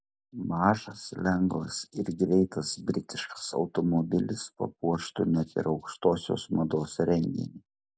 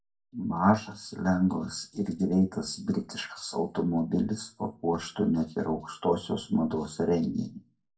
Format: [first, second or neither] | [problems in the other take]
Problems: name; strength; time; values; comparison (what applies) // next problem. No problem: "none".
first | room echo; dies away in 0.2 s